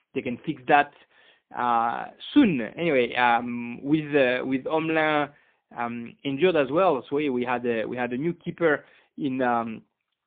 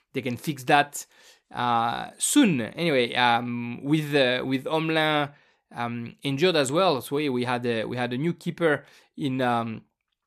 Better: second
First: phone-call audio; poor line; nothing above 3.5 kHz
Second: none

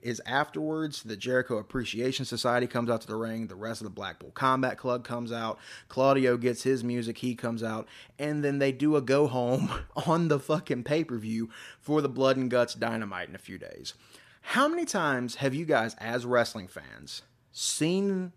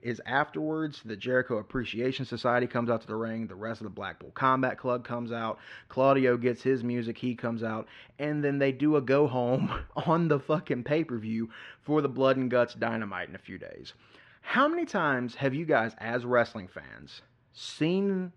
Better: first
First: none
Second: muffled; slightly; fading above 2.5 kHz

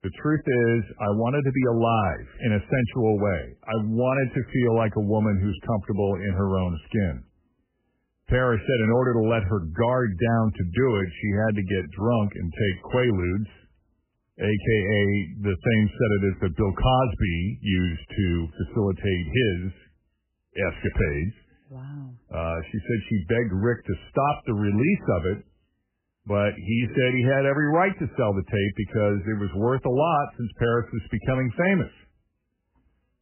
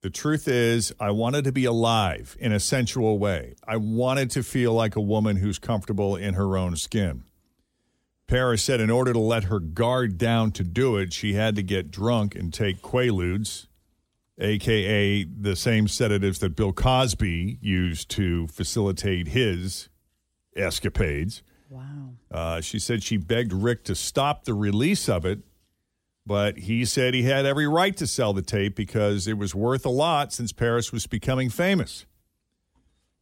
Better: second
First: garbled, watery; badly; nothing above 3 kHz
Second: none

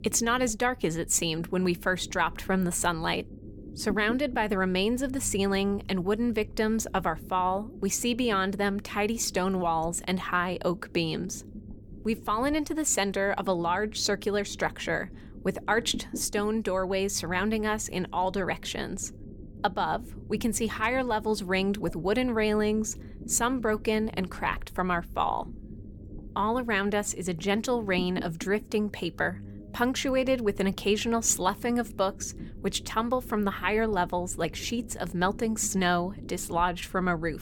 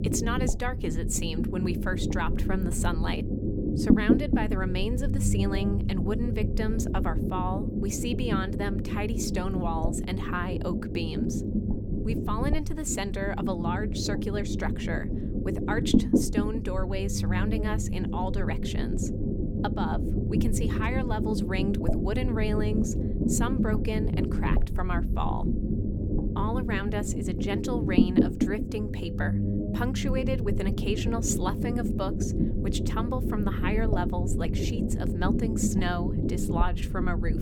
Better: first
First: low rumble; faint; throughout; 20 dB below the speech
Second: low rumble; loud; throughout; 2 dB below the speech

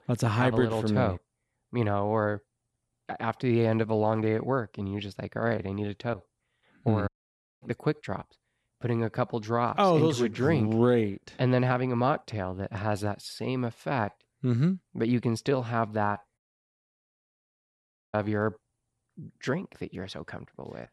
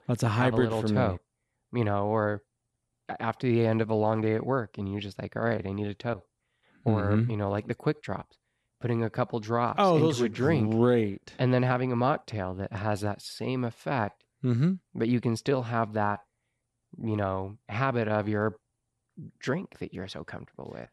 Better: second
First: audio cutting out; at 7 s for 0.5 s and at 16 s for 2 s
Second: none

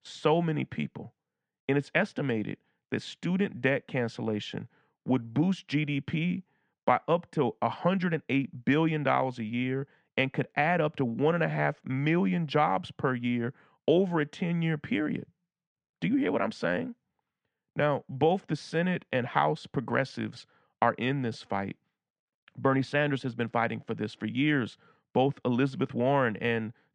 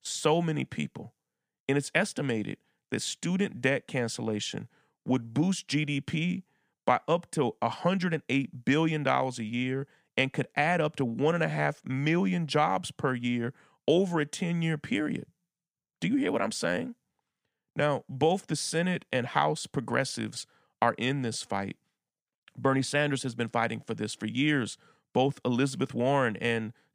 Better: second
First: muffled; slightly; fading above 3 kHz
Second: none

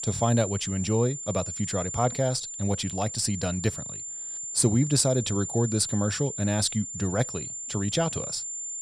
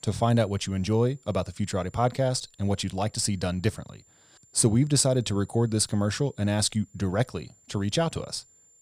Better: second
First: high-pitched whine; loud; throughout; 7 kHz, 6 dB below the speech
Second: high-pitched whine; faint; throughout; 7 kHz, 30 dB below the speech

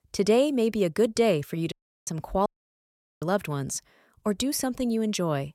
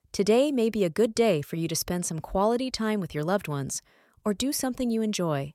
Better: second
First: audio cutting out; at 1.5 s and at 2.5 s for 1 s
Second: none

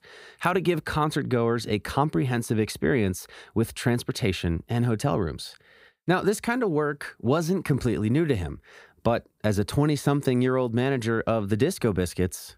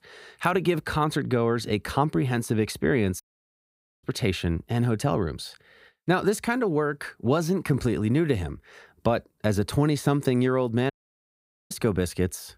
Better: first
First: none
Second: audio cutting out; at 3 s for 1 s and at 11 s for 1 s

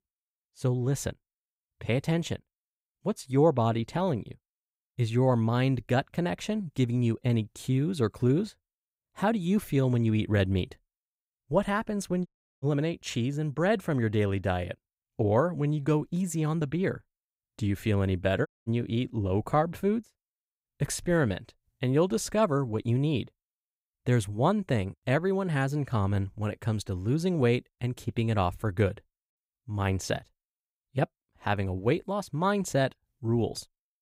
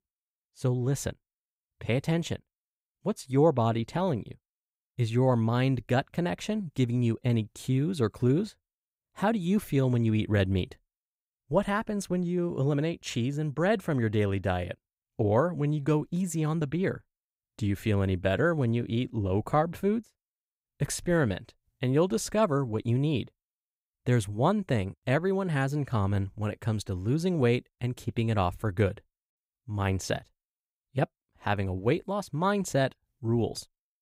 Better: second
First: audio cutting out; at 12 s and at 18 s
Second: none

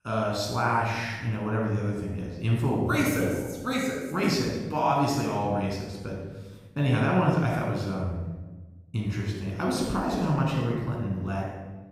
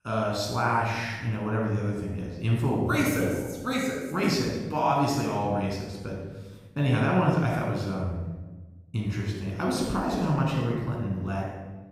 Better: neither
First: off-mic speech; far // room echo; noticeable; dies away in 1.1 s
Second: off-mic speech; far // room echo; noticeable; dies away in 1.1 s

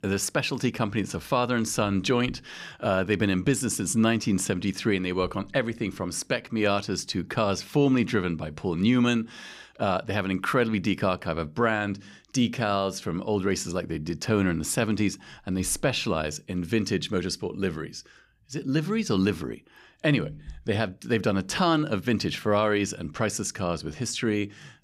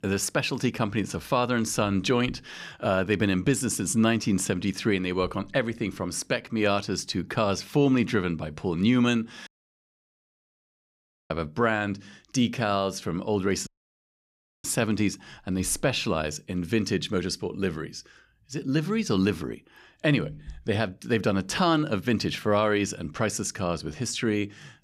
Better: first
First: none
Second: audio cutting out; at 9.5 s for 2 s and at 14 s for 1 s

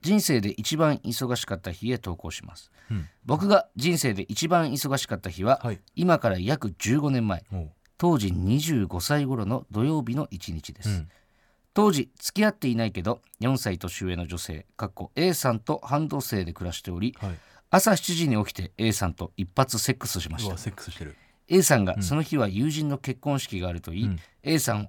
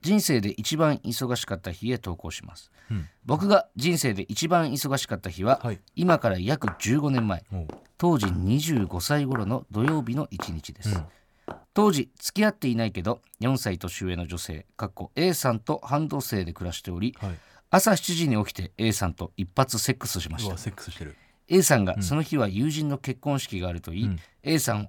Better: first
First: none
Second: footsteps; noticeable; from 5.5 to 12 s; peak 8 dB below the speech

